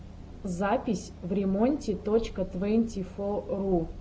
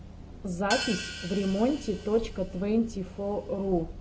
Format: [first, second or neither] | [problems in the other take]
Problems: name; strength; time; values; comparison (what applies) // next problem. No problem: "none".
first | background sound (Hi-hat); 10 dB below the speech